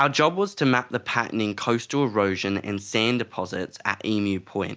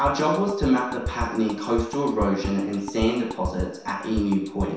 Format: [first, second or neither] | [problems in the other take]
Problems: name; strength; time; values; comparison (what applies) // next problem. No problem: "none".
first | background sound (Drum kit); 9 dB below the speech // room echo; dies away in 0.7 s